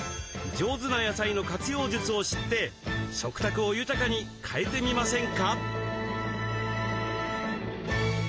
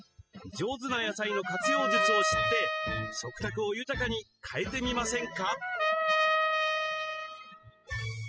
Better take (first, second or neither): first